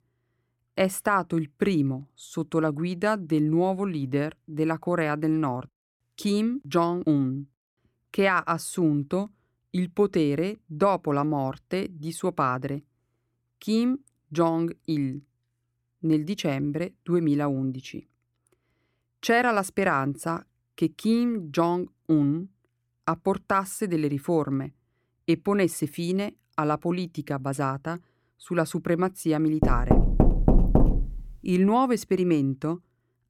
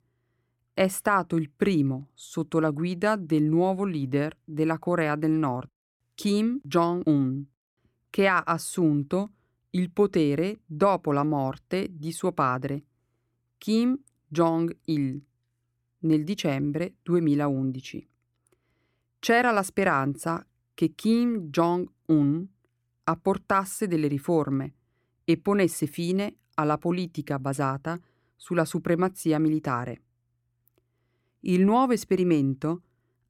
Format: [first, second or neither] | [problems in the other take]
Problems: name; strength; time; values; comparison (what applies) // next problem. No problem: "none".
second | door banging; loud; from 30 to 31 s; peak 5 dB above the speech